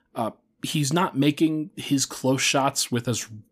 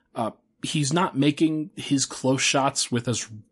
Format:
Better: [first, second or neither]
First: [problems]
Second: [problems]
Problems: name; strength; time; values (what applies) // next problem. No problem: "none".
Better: first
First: none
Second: garbled, watery; slightly; nothing above 11 kHz